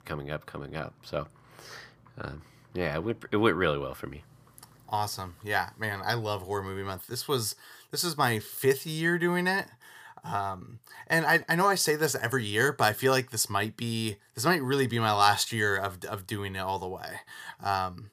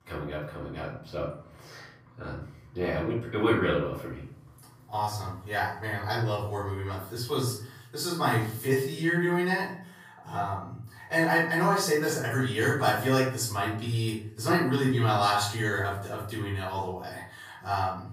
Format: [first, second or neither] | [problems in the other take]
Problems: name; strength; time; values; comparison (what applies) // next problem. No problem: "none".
first | off-mic speech; far // room echo; noticeable; dies away in 0.6 s